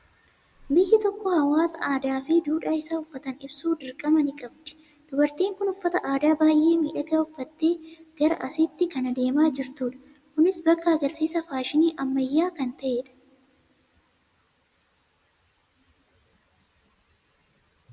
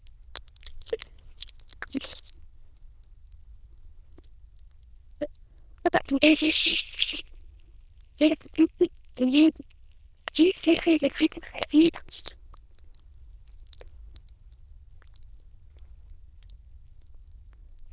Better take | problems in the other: first | noise reduction (neural diffusion model UNIVERSE++)

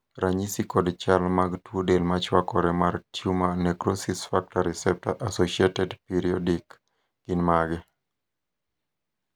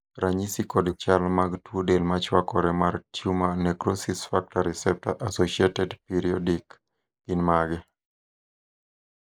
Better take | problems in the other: first | noise reduction (neural mask model Resemble Enhance denoiser)

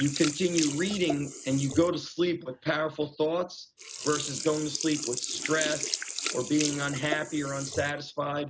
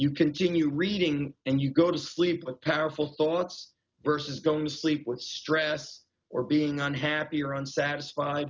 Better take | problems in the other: second | background sound (Sink (filling or washing)); 7 dB below the speech

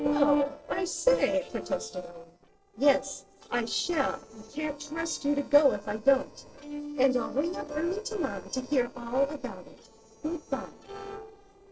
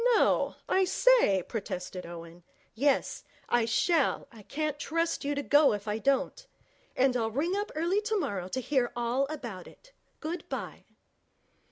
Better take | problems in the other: second | noise reduction (neural separator model SepFormer DNS4)

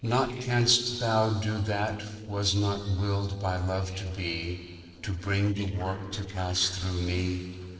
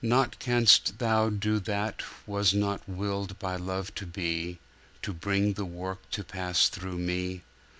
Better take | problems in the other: second | noise reduction (neural separator model SepFormer DNS4)

